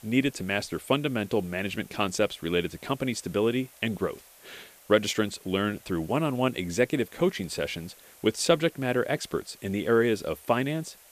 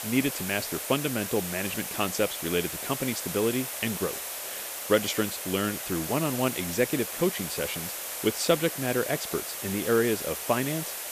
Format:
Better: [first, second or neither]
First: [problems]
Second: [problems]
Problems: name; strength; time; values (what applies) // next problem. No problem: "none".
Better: first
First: hiss; faint; throughout; 25 dB below the speech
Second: hiss; loud; throughout; 4 dB below the speech